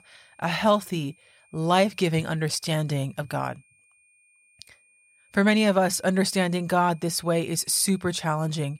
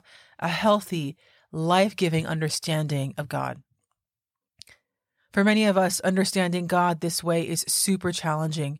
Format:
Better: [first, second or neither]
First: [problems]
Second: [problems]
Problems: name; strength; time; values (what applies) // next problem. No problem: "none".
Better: second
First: high-pitched whine; faint; throughout; 2.5 kHz, 35 dB below the speech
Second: none